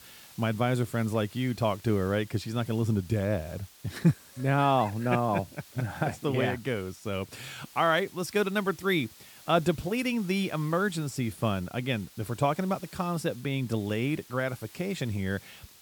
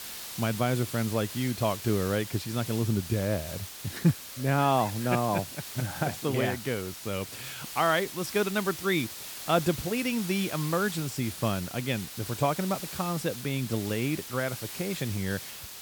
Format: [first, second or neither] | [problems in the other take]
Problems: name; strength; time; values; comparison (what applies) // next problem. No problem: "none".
first | hiss; loud; throughout; 9 dB below the speech; faint in the first